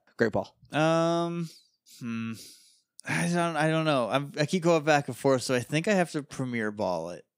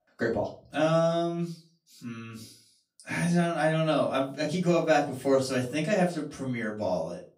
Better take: first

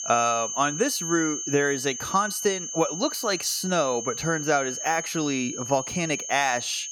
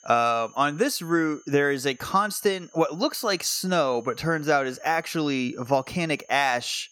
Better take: second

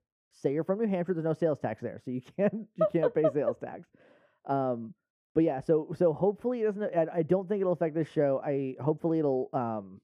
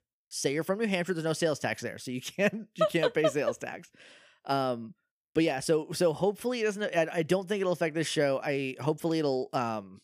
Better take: second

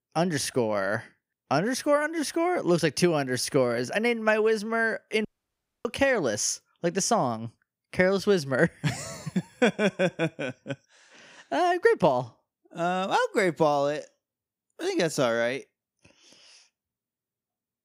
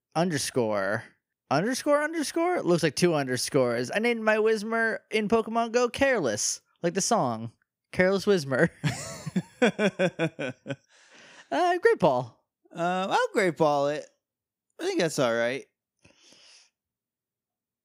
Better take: second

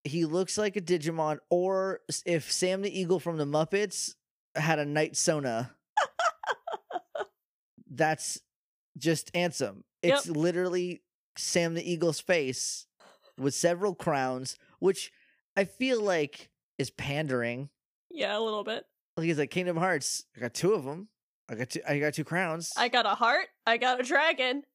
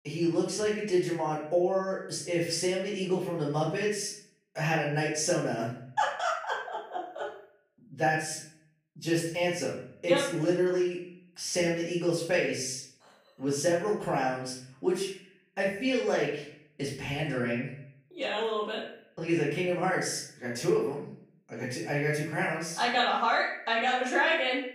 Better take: first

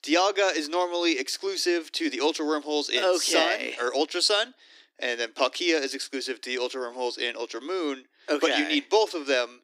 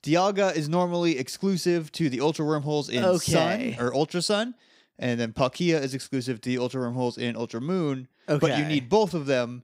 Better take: second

